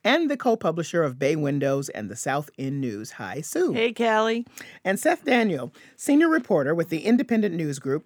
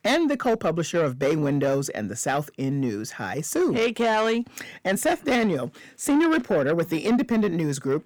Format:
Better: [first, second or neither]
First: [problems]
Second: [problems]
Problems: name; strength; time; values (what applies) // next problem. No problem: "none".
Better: first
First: none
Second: distortion; slight; 10 dB below the speech